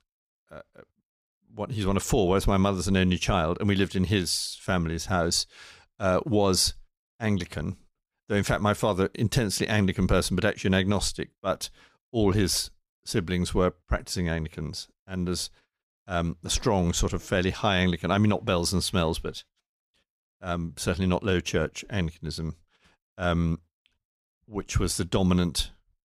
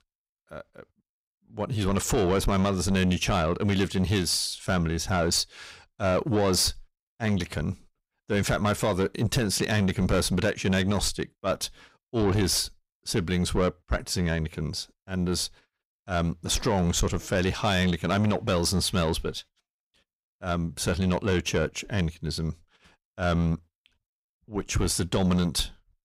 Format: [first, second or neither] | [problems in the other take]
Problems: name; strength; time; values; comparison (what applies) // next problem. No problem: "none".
first | distortion; slight; 10 dB below the speech